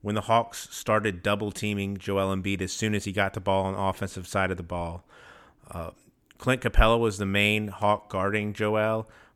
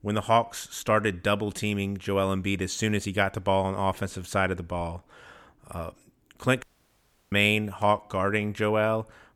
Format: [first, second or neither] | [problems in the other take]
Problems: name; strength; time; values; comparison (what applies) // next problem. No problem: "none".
first | audio cutting out; at 6.5 s for 0.5 s